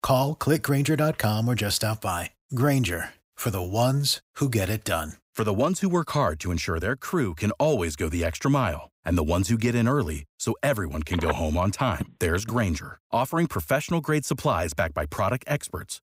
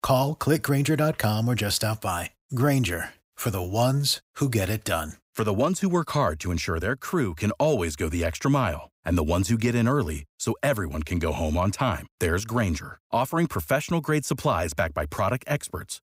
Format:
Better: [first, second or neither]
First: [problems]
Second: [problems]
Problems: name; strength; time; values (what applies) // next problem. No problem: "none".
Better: second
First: phone ringing; noticeable; from 11 to 13 s; peak 7 dB below the speech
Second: none